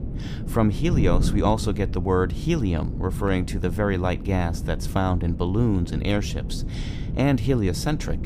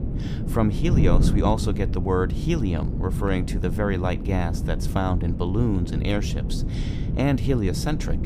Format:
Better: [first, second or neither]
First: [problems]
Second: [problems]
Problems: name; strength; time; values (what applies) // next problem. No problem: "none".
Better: first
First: wind noise on the microphone; occasional gusts; 15 dB below the speech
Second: wind noise on the microphone; heavy; 8 dB below the speech